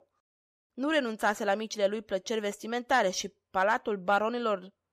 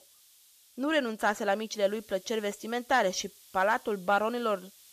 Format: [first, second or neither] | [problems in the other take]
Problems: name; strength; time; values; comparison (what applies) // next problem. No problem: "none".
first | hiss; faint; throughout; 25 dB below the speech